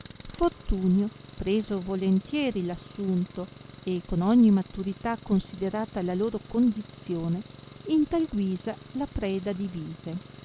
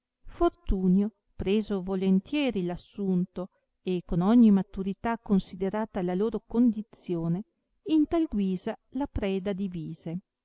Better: second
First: background sound (Engine); 19 dB below the speech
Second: none

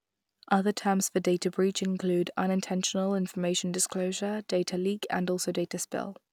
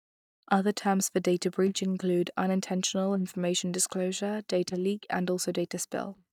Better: first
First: none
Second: noise reduction (neural mask model DeepFilterNet 3)

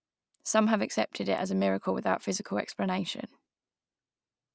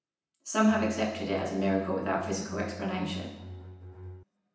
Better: first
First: none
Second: background sound (Bowed string instrument); 13 dB below the speech // room echo; dies away in 0.9 s

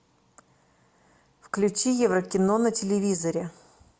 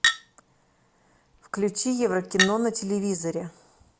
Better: first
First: none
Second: background sound (Chink, clink); 3 dB below the speech

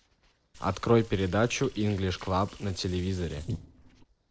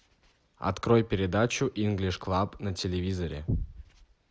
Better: second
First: noise reduction (neural separator model SepFormer DNS4)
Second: none

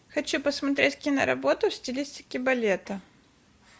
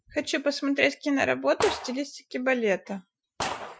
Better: first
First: none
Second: noise reduction (classical method Wiener filter)

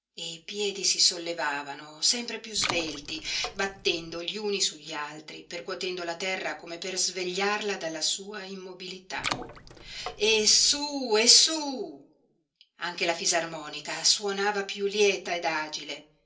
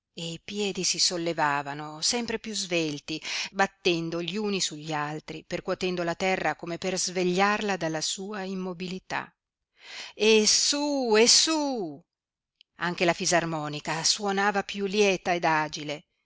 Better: second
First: background sound (Water / Splash, splatter); 10 dB below the speech // room echo; dies away in 0.3 s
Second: none

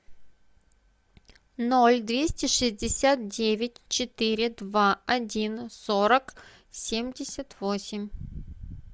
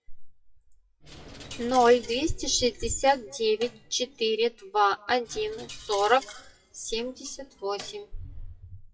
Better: first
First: none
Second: noise reduction (classical method WPE with log-MMSE)

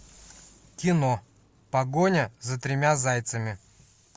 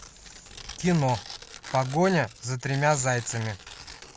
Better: first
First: none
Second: background sound (Tearing); 16 dB below the speech

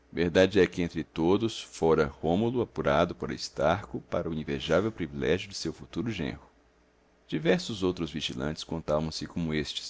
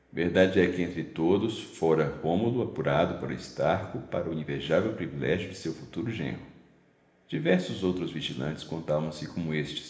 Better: first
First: none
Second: room echo; dies away in 1.1 s

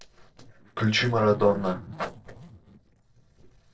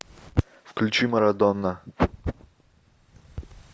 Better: second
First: noise reduction (neural separator model SepFormer DNS4)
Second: none

